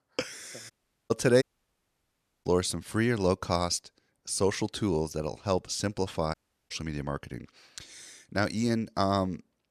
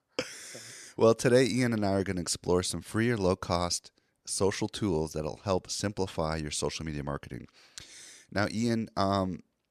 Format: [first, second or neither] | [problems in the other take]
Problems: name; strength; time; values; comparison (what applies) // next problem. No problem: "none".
second | audio cutting out; at 0.5 s, at 1.5 s for 1 s and at 6.5 s